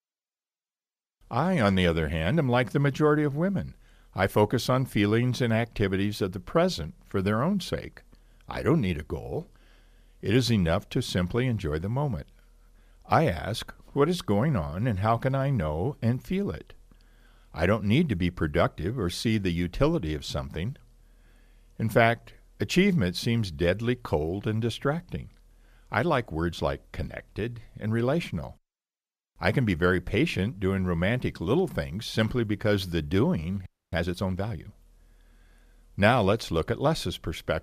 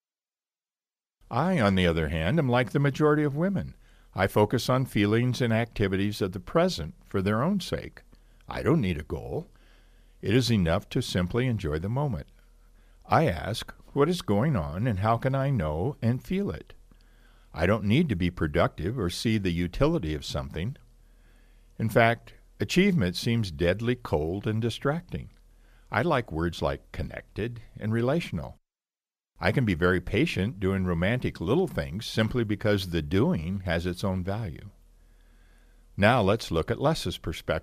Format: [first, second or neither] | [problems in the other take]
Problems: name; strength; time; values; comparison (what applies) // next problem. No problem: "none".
second | audio freezing; at 34 s